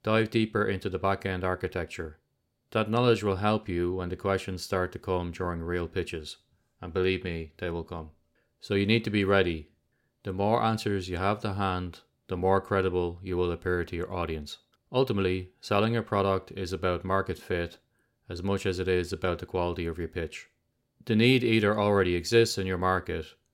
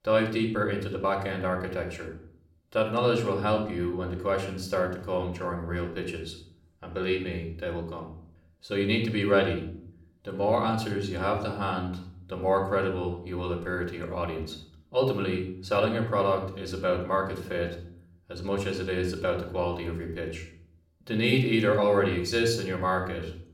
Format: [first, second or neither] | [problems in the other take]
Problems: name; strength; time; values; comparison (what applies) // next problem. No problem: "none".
first | room echo; slight; dies away in 0.5 s // off-mic speech; somewhat distant